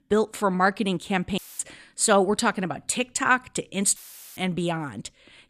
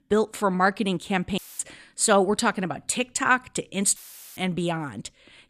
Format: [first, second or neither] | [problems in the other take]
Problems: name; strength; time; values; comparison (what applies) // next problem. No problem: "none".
neither | audio cutting out; filled with static; at 1.5 s and at 4 s; the same in both